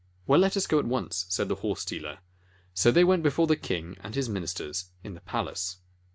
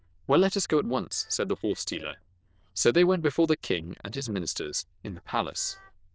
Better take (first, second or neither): first